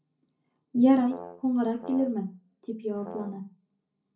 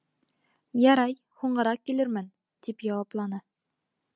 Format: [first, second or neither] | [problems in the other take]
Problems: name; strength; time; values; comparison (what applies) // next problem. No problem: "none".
second | background sound (Brass instrument); 15 dB below the speech // room echo; dies away in 0.4 s